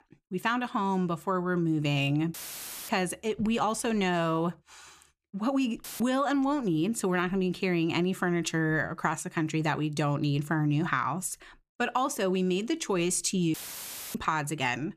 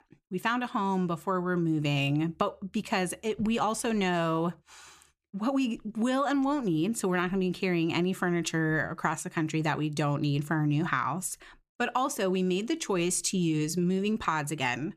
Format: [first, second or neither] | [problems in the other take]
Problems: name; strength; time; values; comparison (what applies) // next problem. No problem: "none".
second | audio cutting out; filled with static; at 2.5 s for 0.5 s, at 6 s and at 14 s for 0.5 s